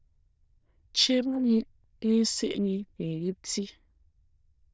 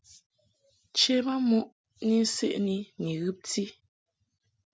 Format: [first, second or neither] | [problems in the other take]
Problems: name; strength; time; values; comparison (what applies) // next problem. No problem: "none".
second | noise reduction (neural diffusion model UNIVERSE++)